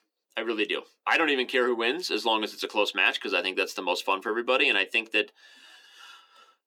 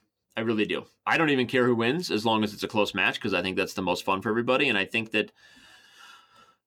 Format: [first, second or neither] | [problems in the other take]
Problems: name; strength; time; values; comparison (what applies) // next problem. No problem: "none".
second | thin; somewhat; fading below 300 Hz